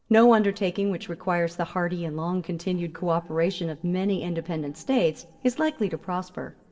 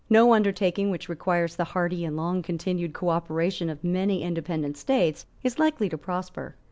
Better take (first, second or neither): second